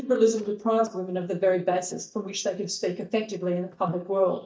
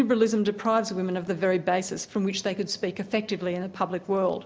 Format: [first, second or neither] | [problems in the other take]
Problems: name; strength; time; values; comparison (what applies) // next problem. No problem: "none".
second | noise reduction (neural mask model DeepFilterNet 3)